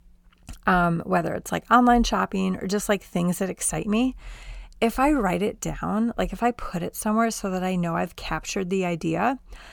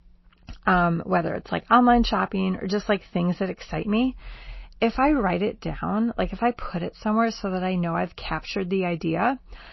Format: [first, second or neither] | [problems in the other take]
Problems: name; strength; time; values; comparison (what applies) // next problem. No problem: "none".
first | garbled, watery; slightly; nothing above 5.5 kHz